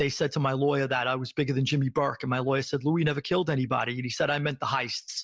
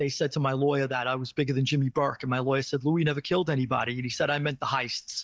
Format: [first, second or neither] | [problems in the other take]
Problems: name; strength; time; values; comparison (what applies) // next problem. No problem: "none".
first | noise reduction (neural mask model DeepFilterNet 3)